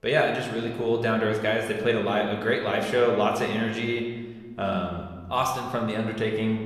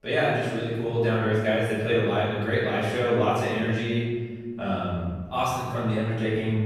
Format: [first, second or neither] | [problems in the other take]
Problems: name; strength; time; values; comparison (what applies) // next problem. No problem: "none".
first | room echo; strong; dies away in 1.6 s; slight in the first // off-mic speech; far